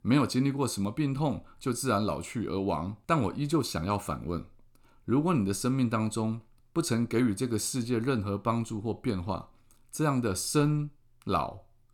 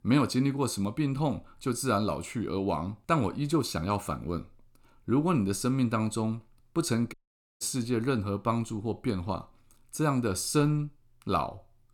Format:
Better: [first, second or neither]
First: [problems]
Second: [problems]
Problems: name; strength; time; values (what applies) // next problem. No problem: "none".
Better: first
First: none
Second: audio cutting out; at 7 s